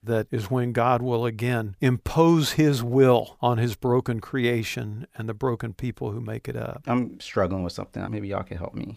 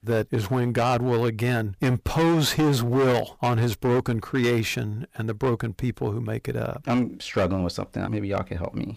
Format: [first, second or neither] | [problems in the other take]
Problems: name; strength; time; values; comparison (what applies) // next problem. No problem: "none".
first | distortion; heavy; 11% of the sound clipped